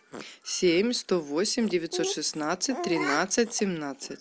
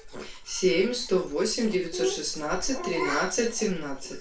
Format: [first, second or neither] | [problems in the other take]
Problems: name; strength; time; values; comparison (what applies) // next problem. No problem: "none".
first | background sound (Domestic sounds, home sounds); 12 dB below the speech // room echo; dies away in 0.3 s